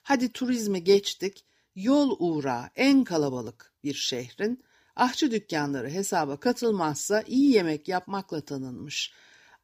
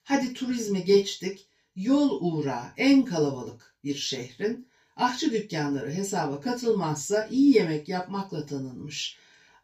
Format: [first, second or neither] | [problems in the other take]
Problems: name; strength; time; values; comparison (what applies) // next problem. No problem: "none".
first | room echo; slight; dies away in 0.2 s // off-mic speech; far